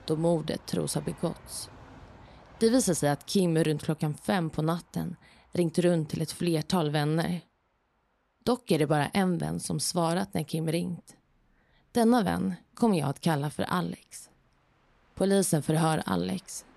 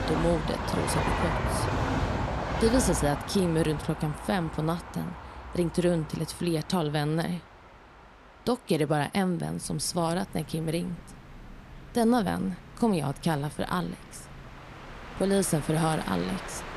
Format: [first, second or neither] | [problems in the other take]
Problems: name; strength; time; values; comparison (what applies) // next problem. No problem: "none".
first | train or aircraft noise; loud; throughout; 5 dB below the speech; faint in the first